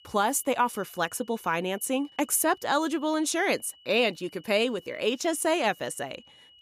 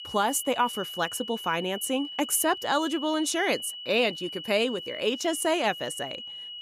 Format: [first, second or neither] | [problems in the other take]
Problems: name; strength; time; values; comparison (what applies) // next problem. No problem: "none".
first | high-pitched whine; loud; throughout; 3 kHz, 9 dB below the speech; faint in the first